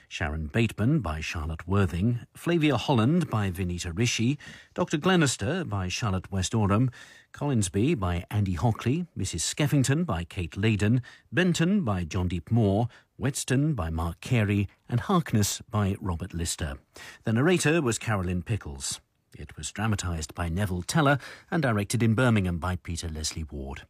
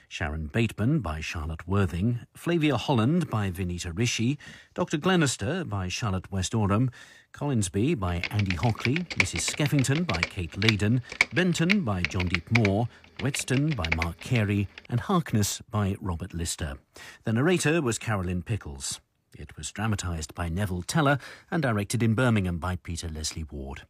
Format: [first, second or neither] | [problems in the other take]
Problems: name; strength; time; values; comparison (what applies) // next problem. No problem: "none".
first | keyboard typing; loud; from 8 to 14 s; peak 2 dB above the speech